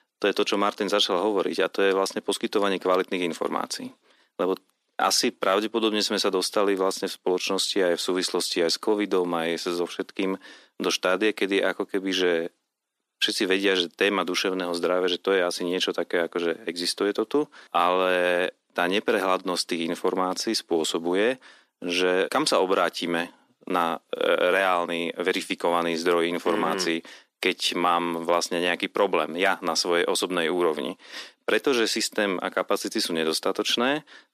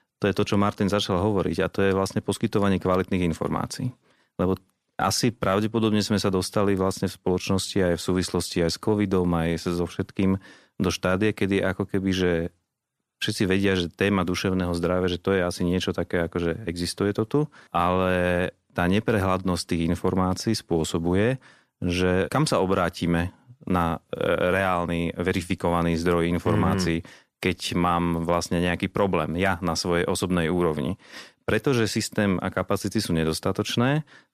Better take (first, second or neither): second